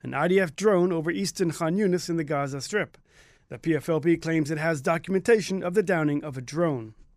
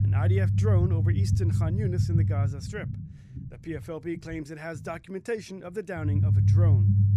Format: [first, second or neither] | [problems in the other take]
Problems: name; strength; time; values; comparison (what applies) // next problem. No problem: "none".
first | low rumble; loud; throughout; 1 dB below the speech